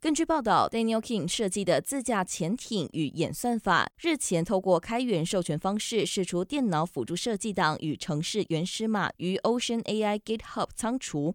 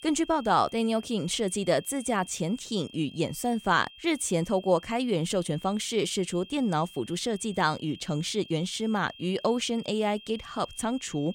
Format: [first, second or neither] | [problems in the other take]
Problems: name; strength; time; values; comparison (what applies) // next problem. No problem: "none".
first | high-pitched whine; noticeable; throughout; 3 kHz, 20 dB below the speech